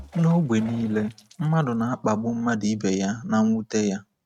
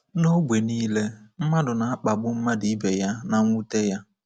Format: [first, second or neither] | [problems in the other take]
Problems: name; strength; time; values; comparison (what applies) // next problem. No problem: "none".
second | noise reduction (neural mask model RNNoise)